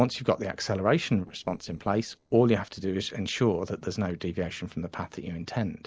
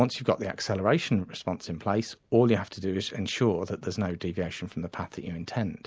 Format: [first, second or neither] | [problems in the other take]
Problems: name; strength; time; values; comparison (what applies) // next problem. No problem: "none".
second | noise reduction (neural separator model SepFormer DNS4)